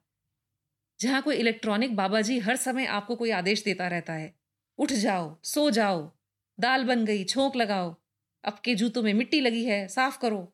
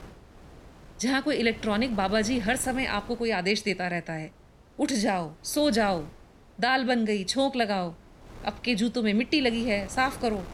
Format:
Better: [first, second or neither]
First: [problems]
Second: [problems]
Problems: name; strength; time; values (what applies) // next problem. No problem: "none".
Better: first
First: none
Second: wind noise on the microphone; occasional gusts; 20 dB below the speech